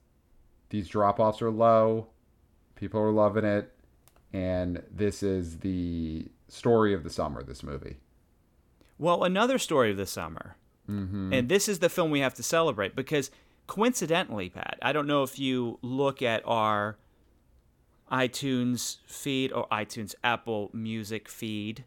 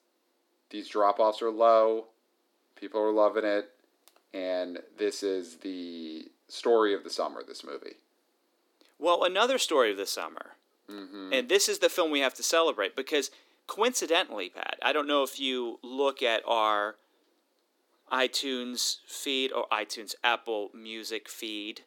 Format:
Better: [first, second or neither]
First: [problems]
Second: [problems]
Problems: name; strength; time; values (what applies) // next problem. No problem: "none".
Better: first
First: none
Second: thin; somewhat; fading below 300 Hz